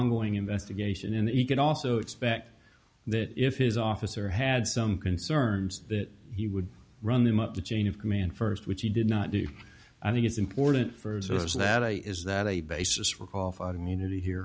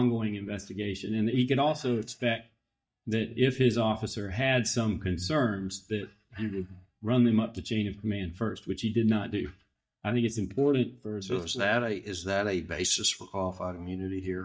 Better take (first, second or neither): first